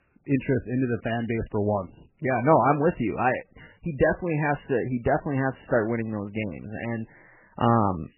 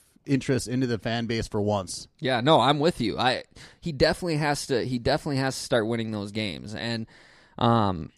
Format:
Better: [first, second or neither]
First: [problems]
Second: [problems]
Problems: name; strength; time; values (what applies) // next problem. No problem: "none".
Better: second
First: garbled, watery; badly; nothing above 3 kHz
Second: none